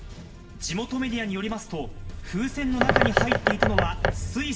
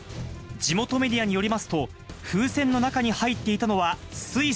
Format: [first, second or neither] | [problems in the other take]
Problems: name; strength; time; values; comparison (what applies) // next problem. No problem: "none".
second | background sound (Bird); 3 dB above the speech // room echo; dies away in 2 s